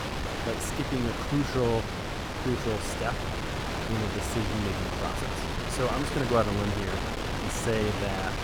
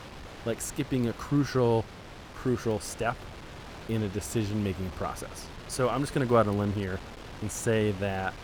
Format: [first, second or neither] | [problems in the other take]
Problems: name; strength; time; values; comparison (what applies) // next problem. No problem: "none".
second | wind noise on the microphone; heavy; as loud as the speech; occasional gusts in the second